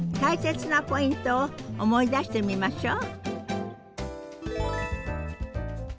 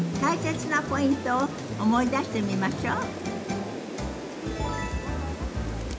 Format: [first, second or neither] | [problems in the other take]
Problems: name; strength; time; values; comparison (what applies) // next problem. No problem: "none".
first | background sound (Rain); 8 dB below the speech // room echo; dies away in 0.4 s